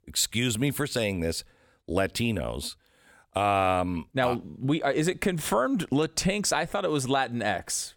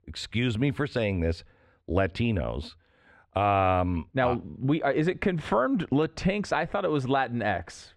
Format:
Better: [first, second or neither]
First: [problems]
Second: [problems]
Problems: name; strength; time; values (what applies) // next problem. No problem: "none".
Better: first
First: none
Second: muffled; slightly; fading above 2.5 kHz